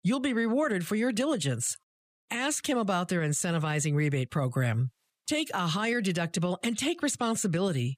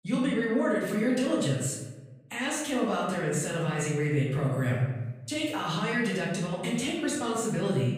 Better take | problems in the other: first | room echo; noticeable; dies away in 1 s // off-mic speech; far

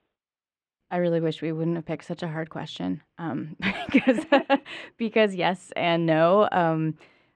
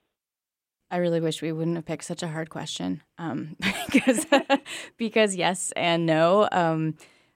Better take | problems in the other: second | muffled; slightly; fading above 3 kHz

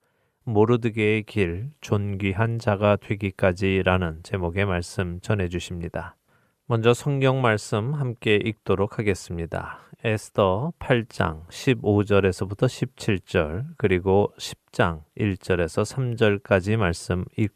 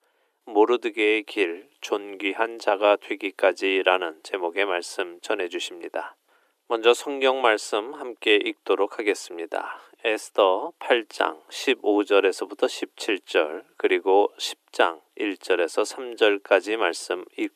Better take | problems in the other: first | thin; very; fading below 300 Hz

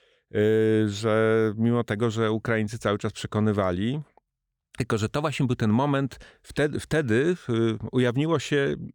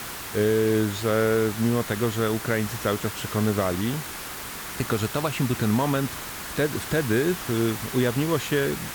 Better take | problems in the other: first | hiss; loud; throughout; 8 dB below the speech

